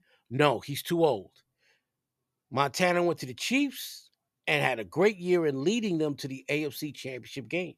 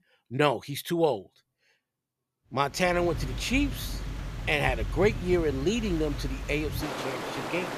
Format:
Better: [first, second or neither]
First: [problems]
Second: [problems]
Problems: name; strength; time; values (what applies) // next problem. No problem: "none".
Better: first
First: none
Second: rain or running water; loud; from 3 s on; 7 dB below the speech